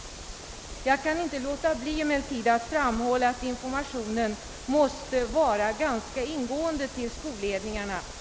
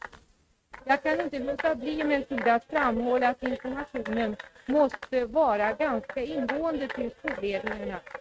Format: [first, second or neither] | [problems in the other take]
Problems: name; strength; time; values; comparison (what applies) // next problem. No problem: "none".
first | noise reduction (neural mask model RNNoise)